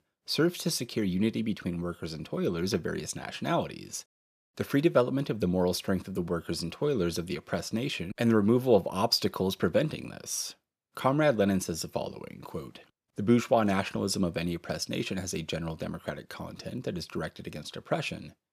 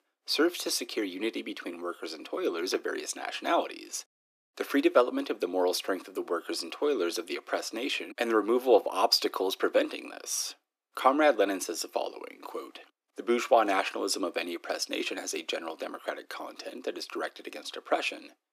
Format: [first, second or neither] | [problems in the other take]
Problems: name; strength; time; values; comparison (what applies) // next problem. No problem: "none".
first | thin; somewhat; fading below 300 Hz